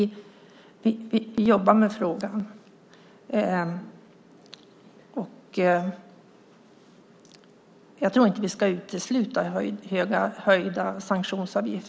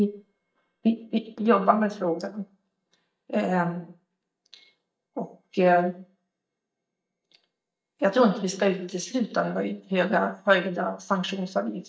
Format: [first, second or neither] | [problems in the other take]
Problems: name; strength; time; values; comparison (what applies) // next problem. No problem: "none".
first | noise reduction (neural mask model DeepFilterNet 3)